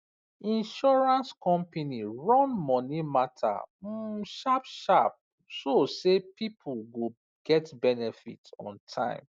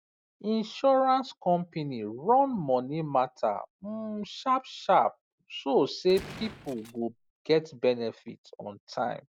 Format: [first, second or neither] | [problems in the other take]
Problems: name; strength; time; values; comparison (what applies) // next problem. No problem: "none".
first | background sound (Gunshot, gunfire); 17 dB below the speech